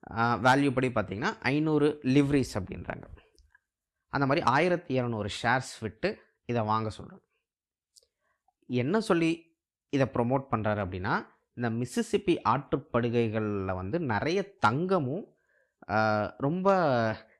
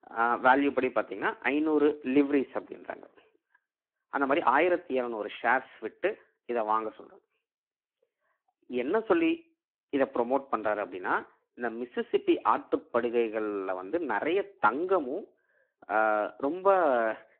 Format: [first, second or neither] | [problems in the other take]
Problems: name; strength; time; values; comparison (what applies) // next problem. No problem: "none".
first | phone-call audio